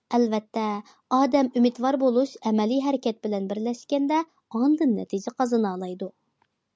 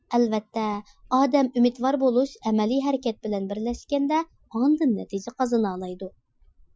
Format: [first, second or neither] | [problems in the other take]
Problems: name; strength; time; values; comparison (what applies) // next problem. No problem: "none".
first | noise reduction (classical method Wiener filter)